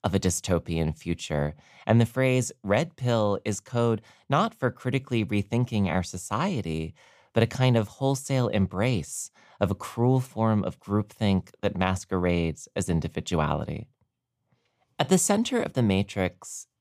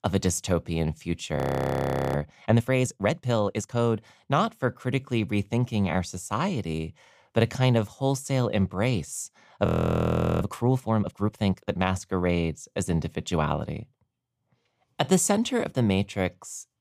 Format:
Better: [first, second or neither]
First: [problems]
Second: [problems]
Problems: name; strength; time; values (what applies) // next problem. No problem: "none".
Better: first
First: none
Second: audio freezing; at 1.5 s for 1 s and at 9.5 s for 1 s